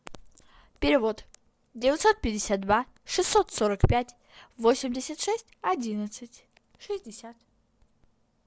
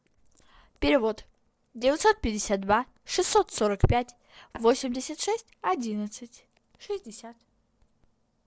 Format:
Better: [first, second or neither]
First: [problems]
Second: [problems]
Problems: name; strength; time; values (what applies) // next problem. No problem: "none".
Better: first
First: none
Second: noise reduction (neural separator model SepFormer DNS4)